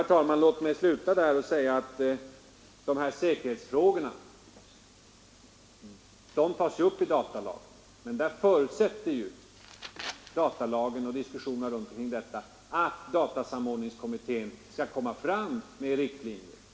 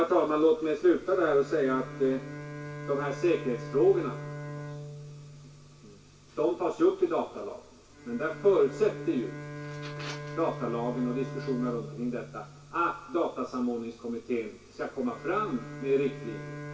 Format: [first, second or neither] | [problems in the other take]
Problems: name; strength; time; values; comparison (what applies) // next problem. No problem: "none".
first | background sound (Bowed string instrument); 13 dB below the speech // room echo; dies away in 0.1 s